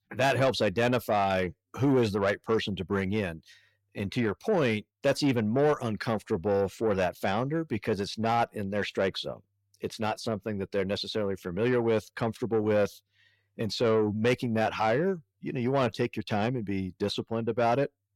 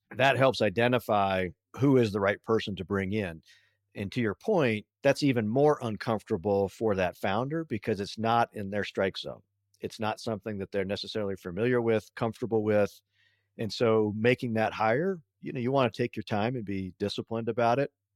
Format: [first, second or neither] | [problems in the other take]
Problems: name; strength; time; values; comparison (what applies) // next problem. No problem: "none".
second | distortion; slight; 10 dB below the speech